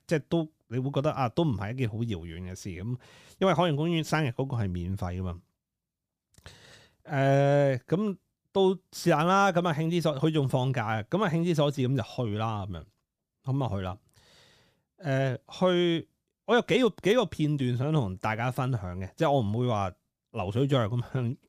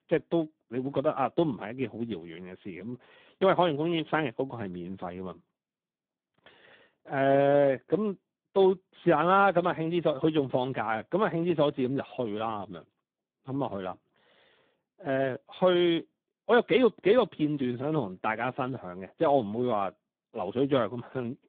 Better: first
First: none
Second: phone-call audio; poor line

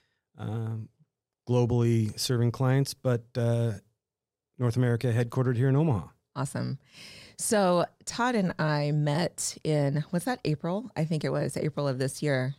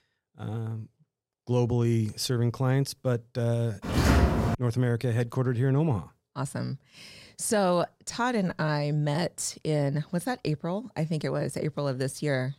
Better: first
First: none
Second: footsteps; loud; at 4 s; peak 6 dB above the speech

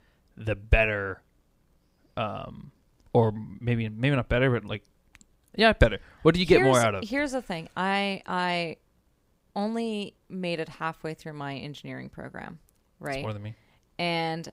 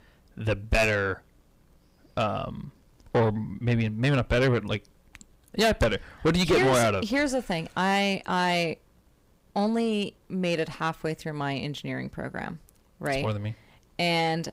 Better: first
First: none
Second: distortion; heavy; 6 dB below the speech

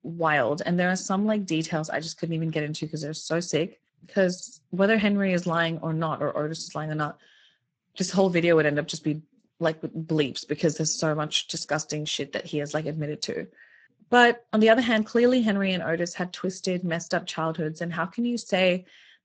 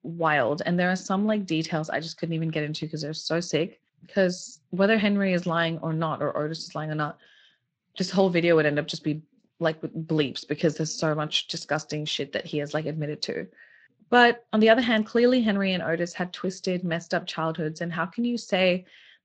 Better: second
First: garbled, watery; badly; nothing above 7.5 kHz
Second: garbled, watery; slightly; nothing above 7.5 kHz

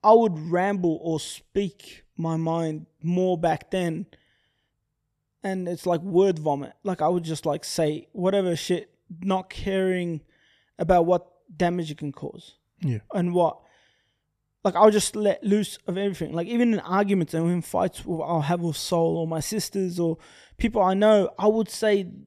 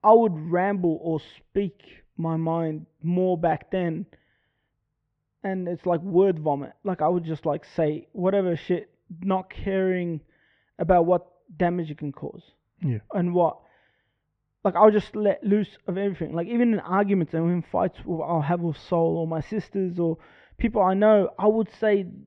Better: first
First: none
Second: muffled; very; fading above 2.5 kHz

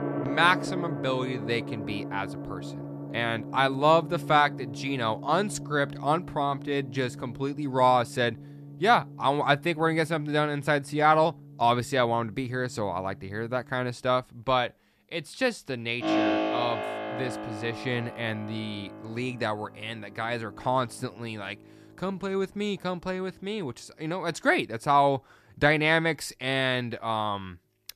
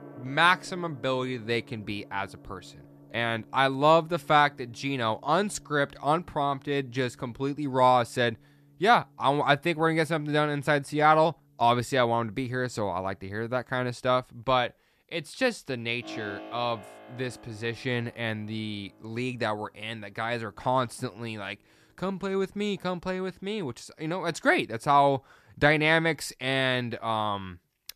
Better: second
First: background music; loud; throughout; 9 dB below the speech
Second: background music; faint; throughout; 25 dB below the speech

